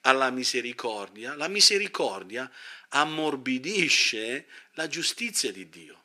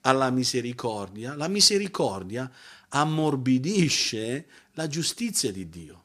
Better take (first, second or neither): second